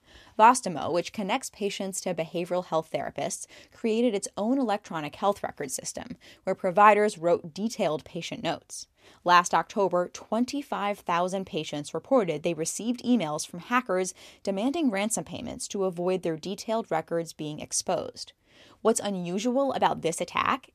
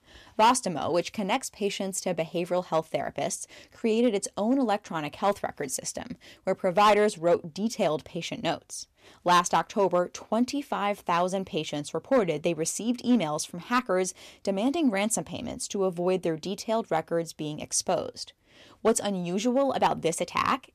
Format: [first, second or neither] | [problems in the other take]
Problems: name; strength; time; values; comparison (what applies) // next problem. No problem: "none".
first | distortion; slight; 1.5% of the sound clipped